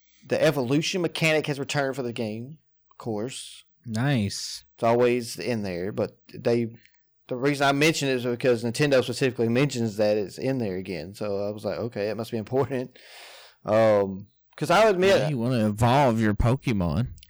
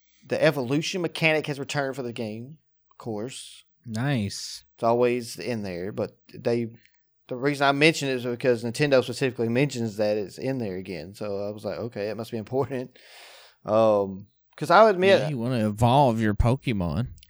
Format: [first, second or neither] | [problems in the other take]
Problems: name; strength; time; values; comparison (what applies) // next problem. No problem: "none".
second | distortion; slight; 3% of the sound clipped